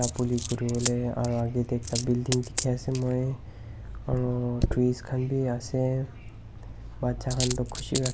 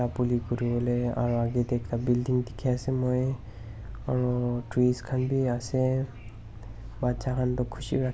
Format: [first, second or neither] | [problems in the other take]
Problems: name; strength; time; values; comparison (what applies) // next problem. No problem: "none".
second | background sound (Coin (dropping)); 8 dB below the speech